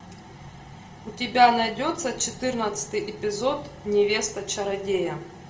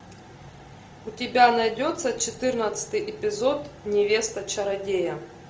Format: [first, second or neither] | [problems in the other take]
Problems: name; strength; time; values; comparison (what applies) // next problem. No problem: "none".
second | room echo; dies away in 0.7 s